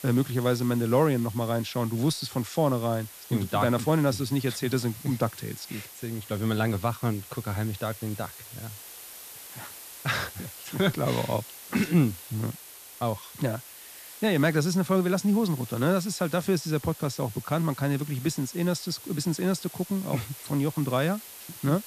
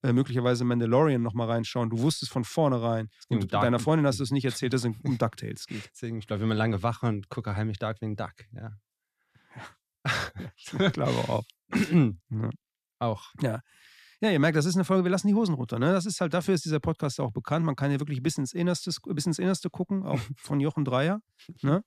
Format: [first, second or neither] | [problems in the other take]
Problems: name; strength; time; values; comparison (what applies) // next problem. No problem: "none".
second | hiss; noticeable; throughout; 15 dB below the speech